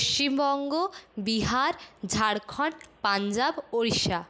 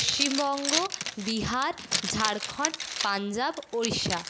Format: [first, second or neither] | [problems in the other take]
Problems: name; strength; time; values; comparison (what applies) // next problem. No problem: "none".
first | background sound (Zipper (clothing)); 3 dB below the speech